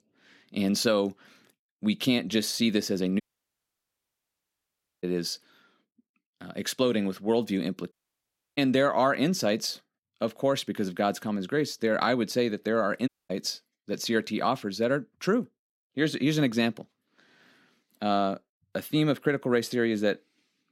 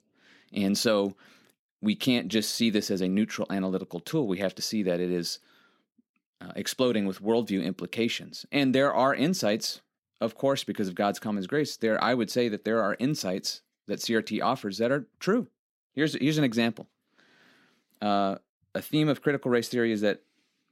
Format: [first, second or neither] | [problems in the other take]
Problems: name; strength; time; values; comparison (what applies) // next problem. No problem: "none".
second | audio cutting out; at 3 s for 2 s, at 8 s for 0.5 s and at 13 s